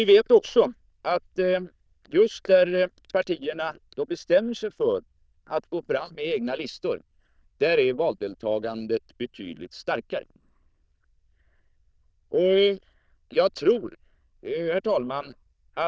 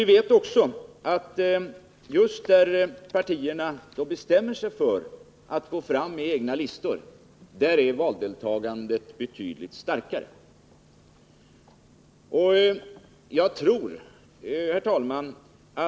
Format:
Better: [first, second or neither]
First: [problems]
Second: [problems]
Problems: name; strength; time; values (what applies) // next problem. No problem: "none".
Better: second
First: noise reduction (neural diffusion model UNIVERSE++)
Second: none